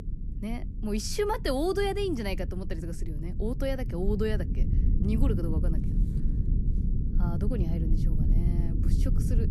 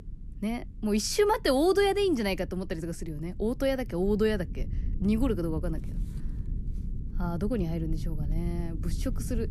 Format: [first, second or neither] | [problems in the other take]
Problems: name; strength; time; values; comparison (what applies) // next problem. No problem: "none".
second | low rumble; loud; throughout; 10 dB below the speech; faint in the second